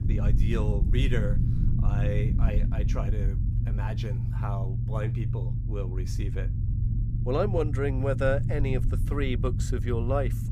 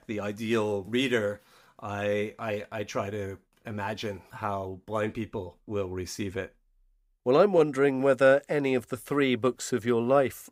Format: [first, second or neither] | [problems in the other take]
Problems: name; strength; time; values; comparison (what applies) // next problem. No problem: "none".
second | low rumble; loud; throughout; 8 dB below the speech